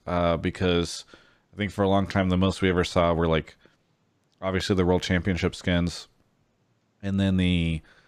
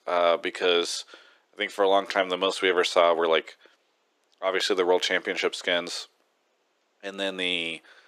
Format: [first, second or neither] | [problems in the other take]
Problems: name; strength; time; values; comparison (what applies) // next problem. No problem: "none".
first | thin; very; fading below 350 Hz